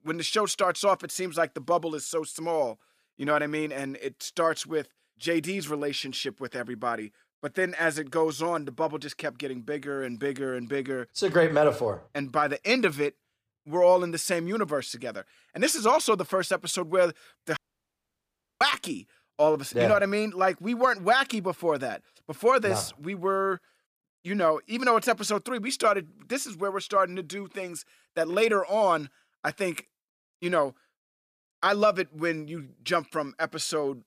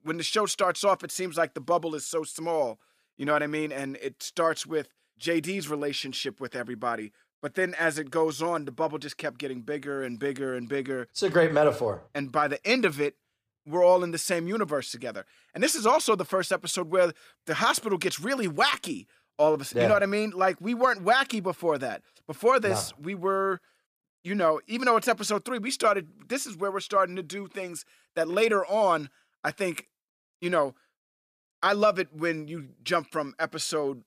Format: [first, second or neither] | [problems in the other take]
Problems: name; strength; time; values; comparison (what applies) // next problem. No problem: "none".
second | audio cutting out; at 18 s for 1 s